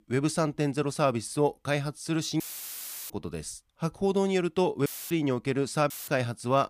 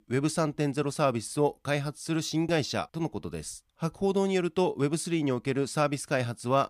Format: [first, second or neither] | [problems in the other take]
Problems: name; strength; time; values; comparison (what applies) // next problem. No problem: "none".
second | audio cutting out; filled with static; at 2.5 s for 0.5 s, at 5 s and at 6 s